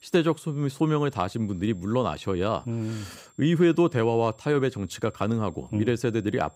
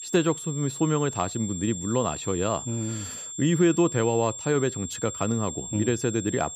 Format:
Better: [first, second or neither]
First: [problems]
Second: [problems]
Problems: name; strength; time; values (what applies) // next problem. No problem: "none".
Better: first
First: high-pitched whine; faint; throughout; 7.5 kHz, 30 dB below the speech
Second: high-pitched whine; loud; throughout; 7.5 kHz, 8 dB below the speech